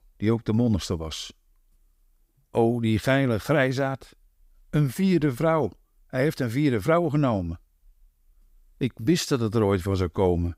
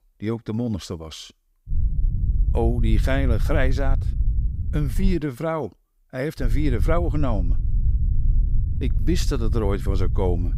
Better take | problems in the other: first | low rumble; noticeable; from 1.5 to 5 s and from 6.5 s on; 15 dB below the speech

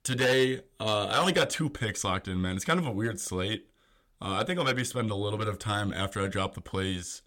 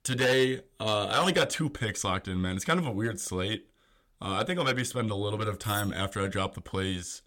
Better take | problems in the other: first | clattering dishes; faint; at 5.5 s; peak 10 dB below the speech

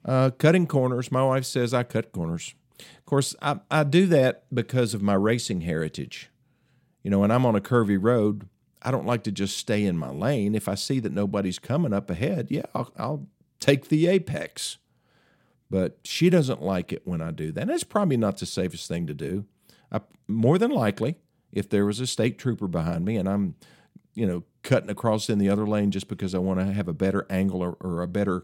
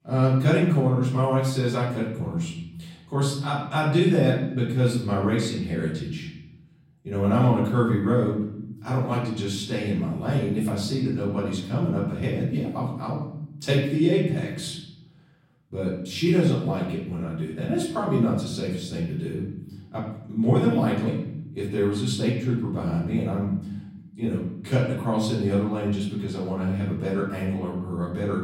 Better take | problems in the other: first | room echo; noticeable; dies away in 1 s // off-mic speech; far

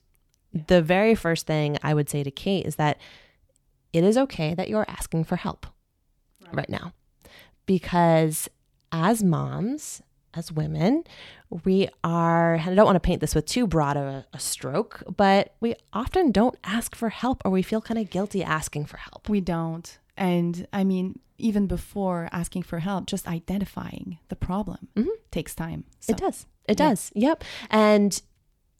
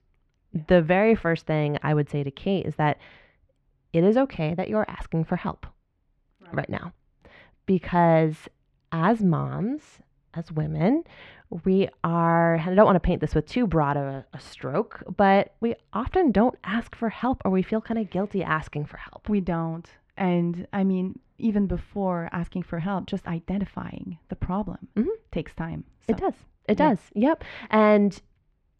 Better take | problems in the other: first | muffled; very; fading above 2 kHz

